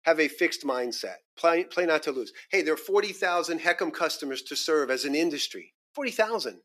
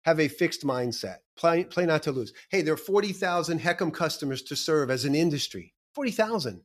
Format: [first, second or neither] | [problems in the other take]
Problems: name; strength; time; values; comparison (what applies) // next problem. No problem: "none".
second | thin; somewhat; fading below 300 Hz